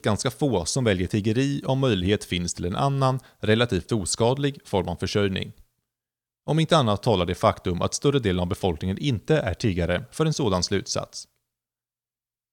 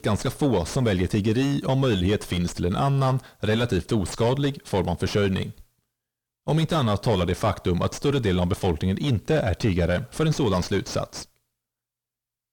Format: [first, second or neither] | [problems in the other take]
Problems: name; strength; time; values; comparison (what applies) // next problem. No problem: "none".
first | distortion; heavy; 6 dB below the speech